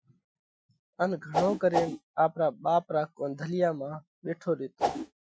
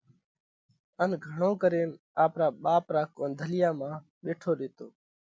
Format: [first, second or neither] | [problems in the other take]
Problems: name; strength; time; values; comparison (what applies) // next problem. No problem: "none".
second | noise reduction (classical method Wiener filter)